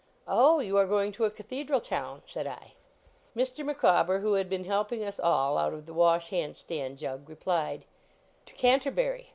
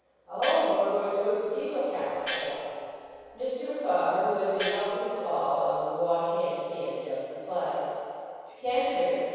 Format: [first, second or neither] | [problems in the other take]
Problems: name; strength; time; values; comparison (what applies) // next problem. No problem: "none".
first | background sound (Gong); 11 dB below the speech // room echo; dies away in 2.2 s